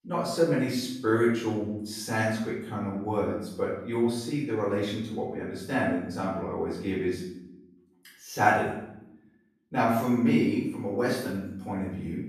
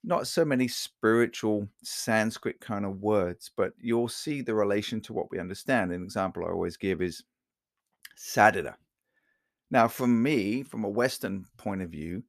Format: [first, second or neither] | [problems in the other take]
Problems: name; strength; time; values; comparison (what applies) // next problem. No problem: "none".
second | off-mic speech; far // room echo; noticeable; dies away in 0.7 s